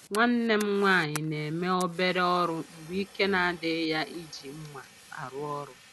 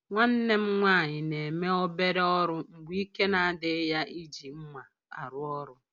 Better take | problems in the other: second | background sound (Fire); 19 dB below the speech

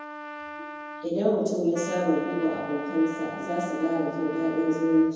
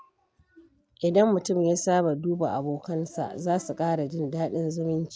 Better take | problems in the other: second | background sound (Trumpet); 12 dB below the speech // room echo; dies away in 1.1 s

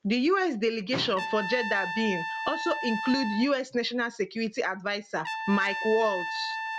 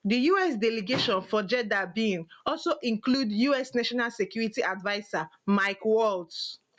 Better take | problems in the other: second | background sound (Trumpet); 7 dB below the speech

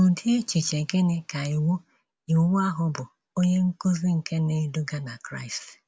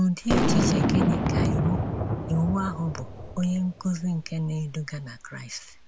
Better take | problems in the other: first | background sound (Boom); 1 dB above the speech

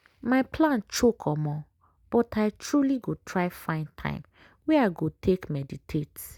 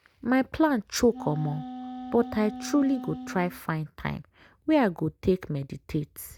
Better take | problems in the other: first | background sound (Wind instrument, woodwind instrument); 11 dB below the speech

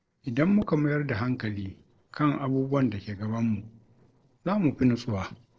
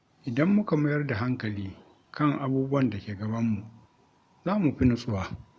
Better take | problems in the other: second | noise reduction (neural separator model SepFormer DNS4)

